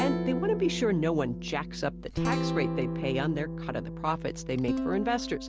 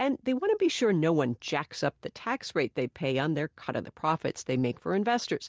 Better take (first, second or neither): second